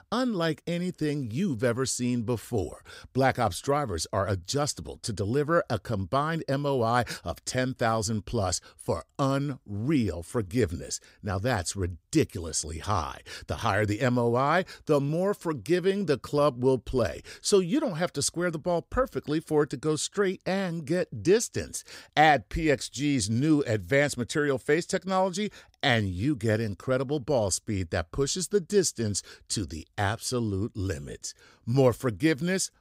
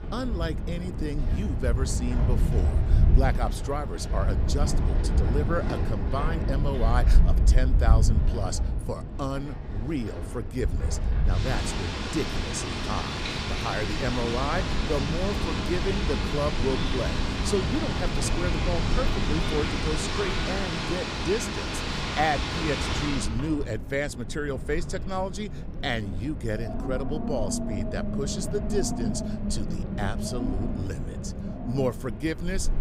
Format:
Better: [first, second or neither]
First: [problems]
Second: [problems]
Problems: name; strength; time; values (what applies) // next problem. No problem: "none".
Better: first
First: none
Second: wind in the background; very loud; throughout; 3 dB above the speech